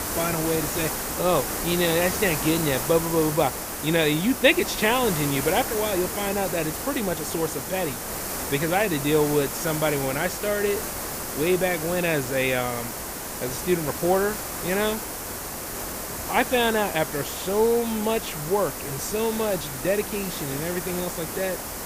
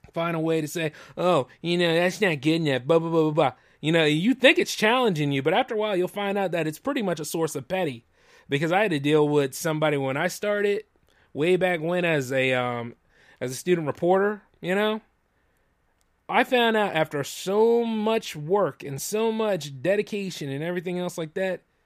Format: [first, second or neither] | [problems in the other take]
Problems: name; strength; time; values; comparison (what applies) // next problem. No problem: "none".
second | hiss; loud; throughout; 4 dB below the speech